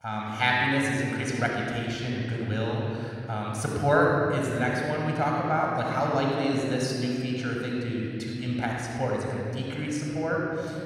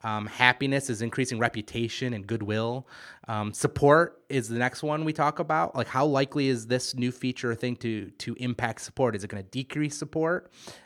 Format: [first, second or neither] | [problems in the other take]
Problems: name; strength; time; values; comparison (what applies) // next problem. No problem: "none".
second | off-mic speech; somewhat distant // room echo; strong; dies away in 3 s